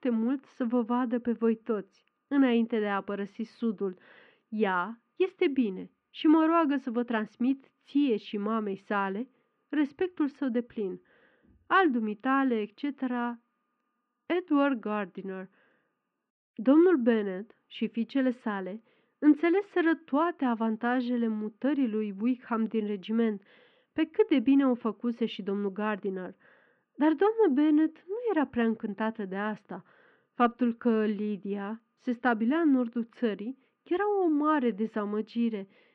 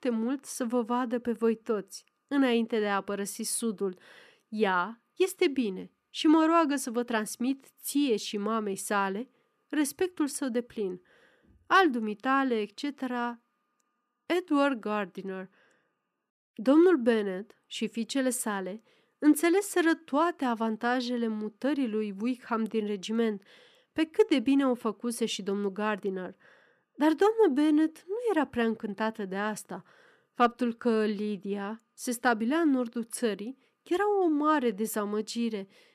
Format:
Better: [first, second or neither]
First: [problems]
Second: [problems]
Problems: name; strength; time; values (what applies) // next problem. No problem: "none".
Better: second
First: muffled; very; fading above 3 kHz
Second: none